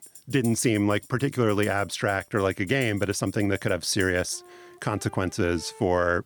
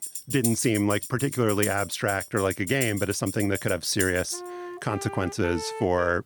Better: first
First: background music; faint; throughout; 20 dB below the speech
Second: background music; loud; throughout; 8 dB below the speech

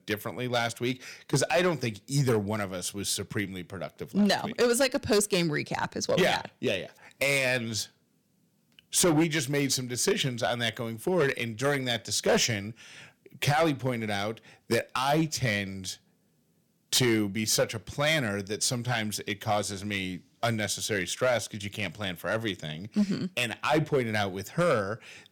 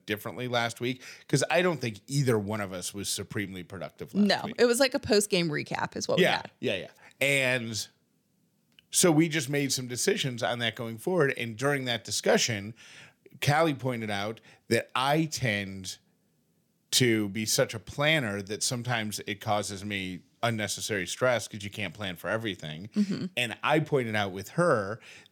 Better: second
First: distortion; slight; 4% of the sound clipped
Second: none

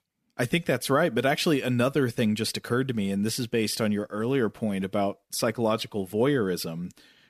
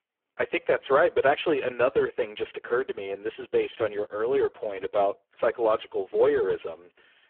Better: first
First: none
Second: phone-call audio; poor line

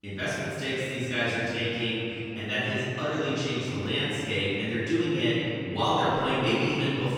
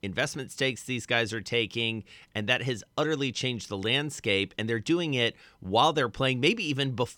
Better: second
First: off-mic speech; far // room echo; strong; dies away in 2.8 s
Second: none

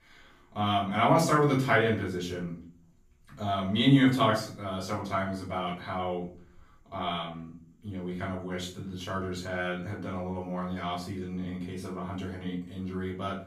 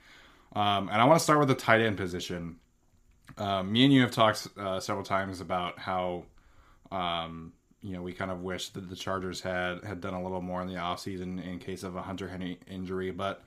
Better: second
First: off-mic speech; far // room echo; slight; dies away in 0.4 s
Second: none

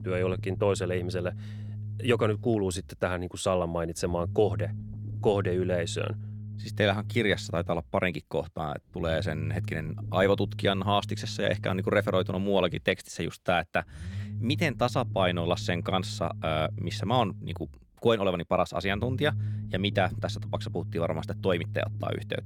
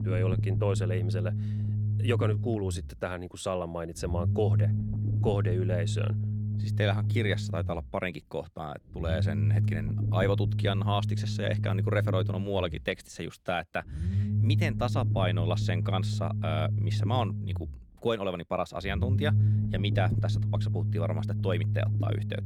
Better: first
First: low rumble; faint; throughout; 20 dB below the speech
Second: low rumble; loud; throughout; 9 dB below the speech

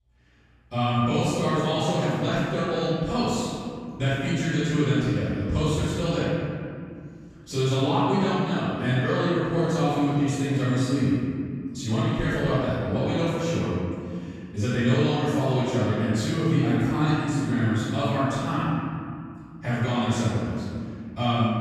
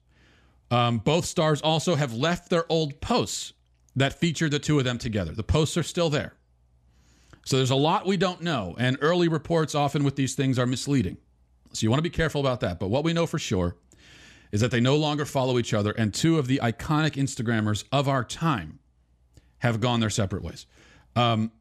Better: second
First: off-mic speech; far // room echo; strong; dies away in 2.3 s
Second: none

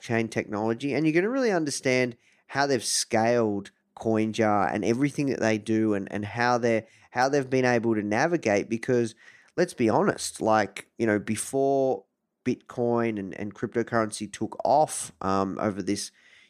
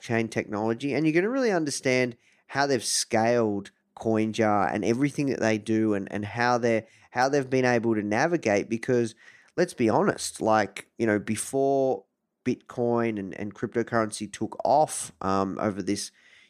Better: neither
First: none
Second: none

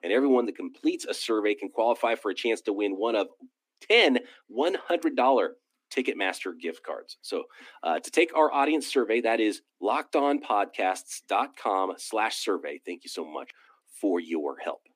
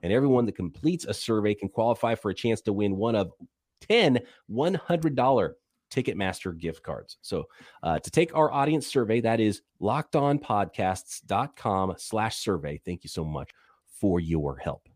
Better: second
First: thin; very slightly; fading below 250 Hz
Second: none

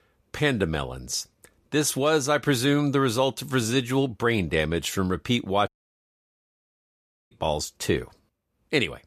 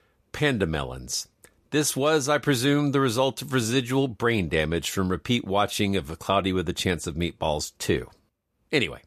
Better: second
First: audio cutting out; at 5.5 s for 1.5 s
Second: none

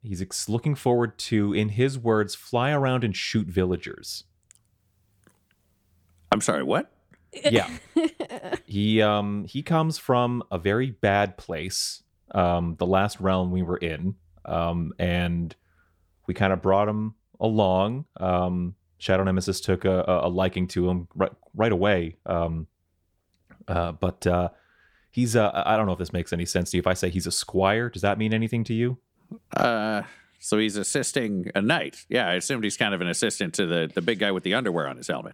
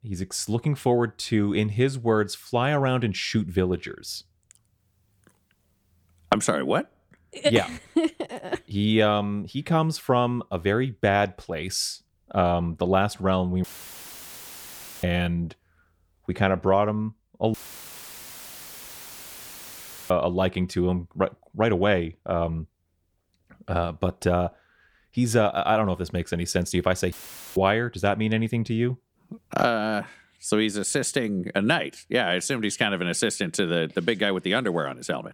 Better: first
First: none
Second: audio cutting out; filled with static; at 14 s for 1.5 s, at 18 s for 2.5 s and at 27 s

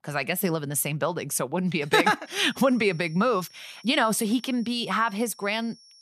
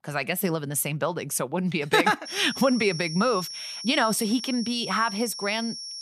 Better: first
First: high-pitched whine; faint; from 2.5 s on; 5.5 kHz, 25 dB below the speech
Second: high-pitched whine; loud; from 2.5 s on; 5.5 kHz, 9 dB below the speech

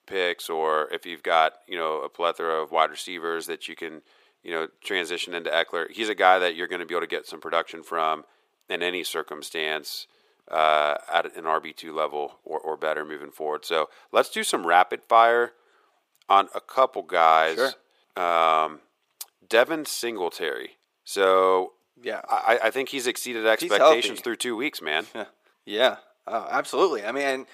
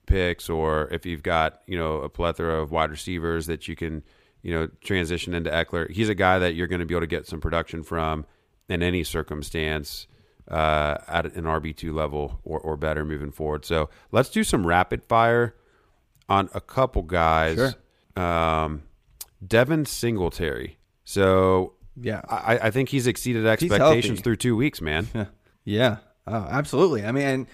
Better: second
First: thin; very; fading below 400 Hz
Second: none

